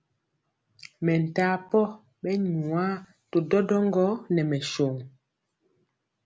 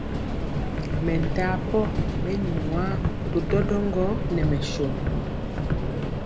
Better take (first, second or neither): first